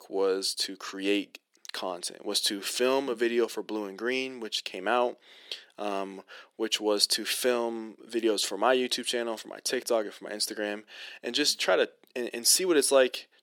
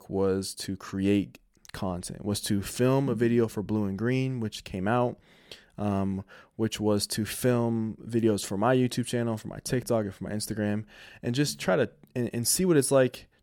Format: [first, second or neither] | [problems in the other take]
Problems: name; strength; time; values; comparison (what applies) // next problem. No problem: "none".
second | thin; somewhat; fading below 300 Hz